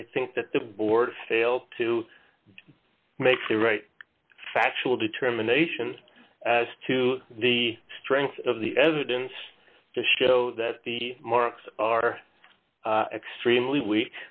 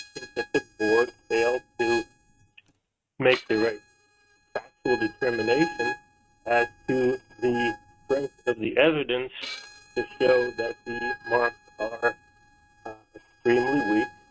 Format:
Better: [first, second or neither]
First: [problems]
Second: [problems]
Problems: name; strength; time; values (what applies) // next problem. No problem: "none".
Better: first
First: none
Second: noise reduction (neural mask model RNNoise)